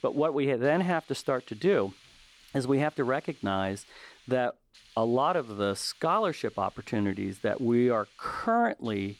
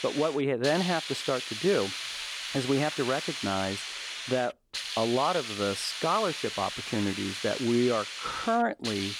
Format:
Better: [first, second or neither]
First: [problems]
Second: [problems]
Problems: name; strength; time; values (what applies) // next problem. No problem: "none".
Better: first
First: hiss; faint; throughout; 25 dB below the speech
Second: hiss; loud; throughout; 5 dB below the speech